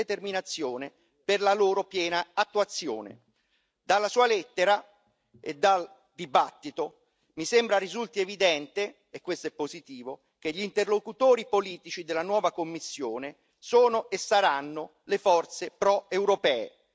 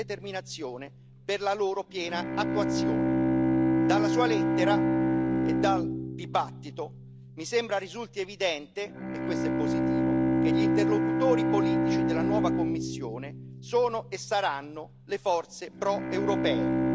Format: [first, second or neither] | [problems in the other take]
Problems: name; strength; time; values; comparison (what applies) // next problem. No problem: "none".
first | background sound (Bowed string instrument); 4 dB above the speech